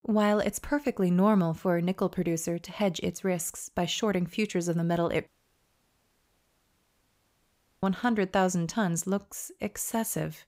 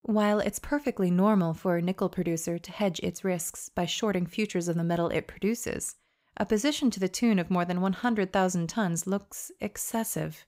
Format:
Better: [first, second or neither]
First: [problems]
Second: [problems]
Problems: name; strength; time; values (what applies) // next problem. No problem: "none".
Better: second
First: audio cutting out; at 5.5 s for 2.5 s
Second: none